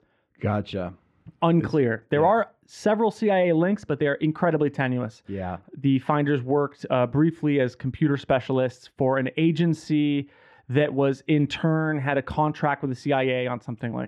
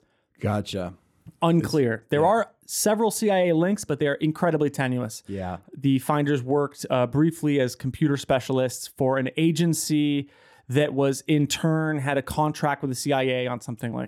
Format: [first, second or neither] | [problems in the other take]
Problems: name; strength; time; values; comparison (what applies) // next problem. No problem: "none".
second | muffled; slightly; fading above 2.5 kHz